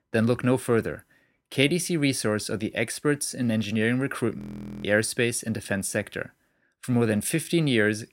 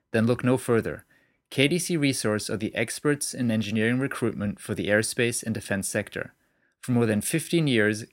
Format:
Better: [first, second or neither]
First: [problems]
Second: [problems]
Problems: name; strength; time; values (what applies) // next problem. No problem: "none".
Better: second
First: audio freezing; at 4.5 s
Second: none